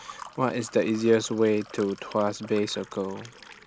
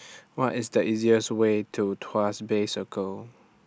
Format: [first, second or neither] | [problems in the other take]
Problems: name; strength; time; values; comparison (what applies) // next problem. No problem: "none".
second | background sound (Liquid); 20 dB below the speech